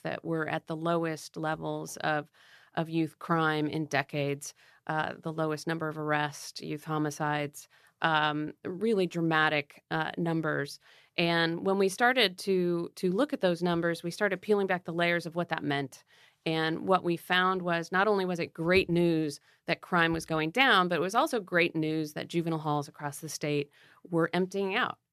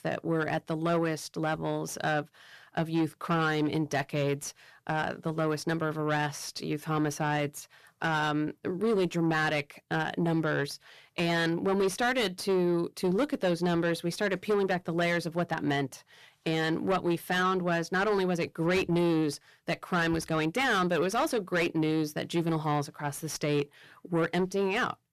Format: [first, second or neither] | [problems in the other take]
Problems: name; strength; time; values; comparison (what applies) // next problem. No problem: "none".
first | distortion; heavy; 8 dB below the speech